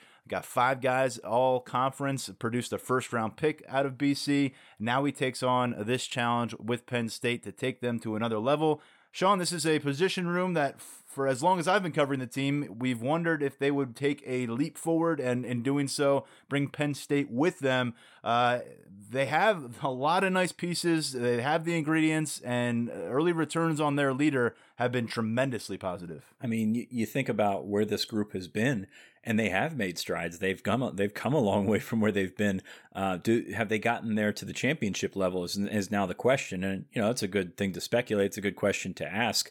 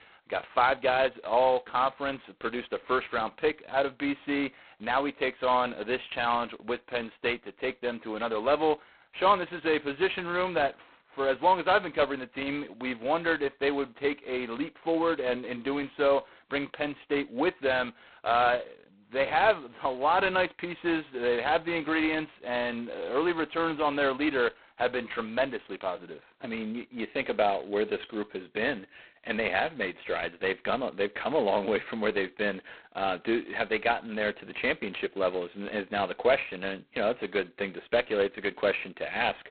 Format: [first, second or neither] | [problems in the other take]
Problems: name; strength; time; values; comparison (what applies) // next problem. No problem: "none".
first | phone-call audio; poor line; nothing above 4 kHz